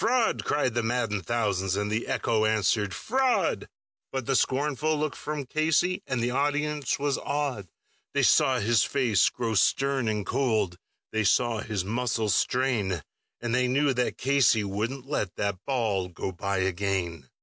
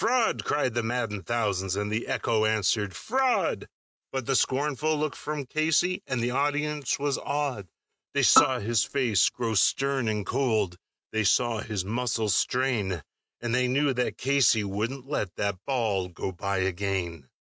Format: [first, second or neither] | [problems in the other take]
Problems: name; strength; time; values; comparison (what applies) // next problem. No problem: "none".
first | noise reduction (neural mask model RNNoise)